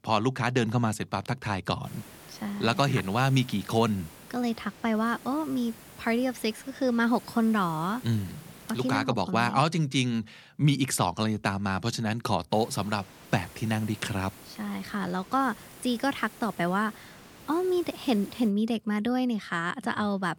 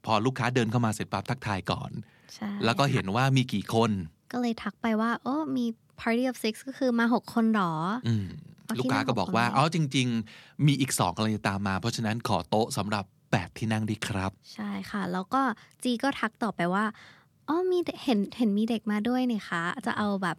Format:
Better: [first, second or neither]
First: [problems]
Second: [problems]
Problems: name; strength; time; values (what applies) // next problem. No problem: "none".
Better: second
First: hiss; noticeable; from 2 to 9 s and from 13 to 18 s; 20 dB below the speech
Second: none